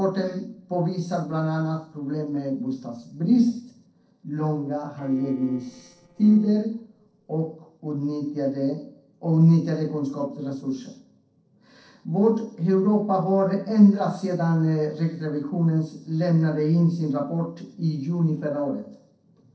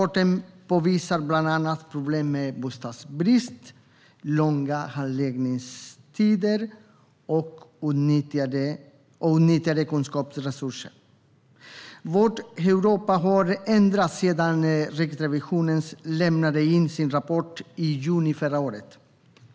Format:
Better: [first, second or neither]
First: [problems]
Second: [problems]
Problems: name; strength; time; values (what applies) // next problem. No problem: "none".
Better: second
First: noise reduction (neural separator model SepFormer DNS4)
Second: none